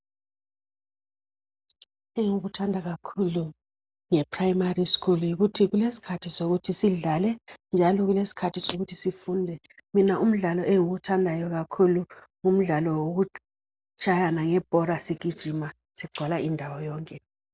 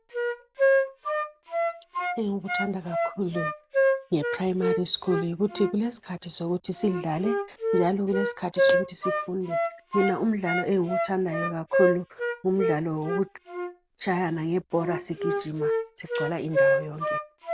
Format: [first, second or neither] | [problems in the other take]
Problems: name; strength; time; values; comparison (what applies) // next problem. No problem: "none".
first | background sound (Wind instrument, woodwind instrument); 1 dB above the speech